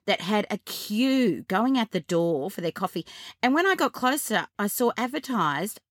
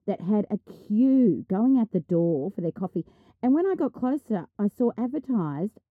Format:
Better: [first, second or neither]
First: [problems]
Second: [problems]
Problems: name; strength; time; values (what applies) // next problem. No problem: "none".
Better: first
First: none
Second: muffled; very; fading above 1 kHz